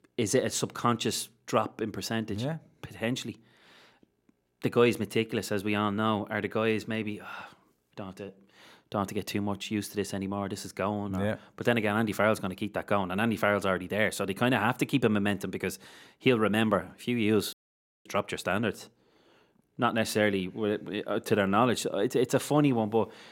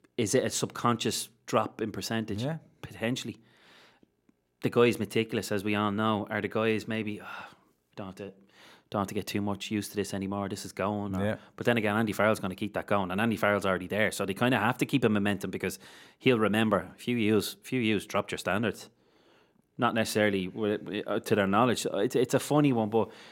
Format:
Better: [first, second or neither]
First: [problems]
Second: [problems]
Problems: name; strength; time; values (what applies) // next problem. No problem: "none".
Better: second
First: audio cutting out; at 18 s for 0.5 s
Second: none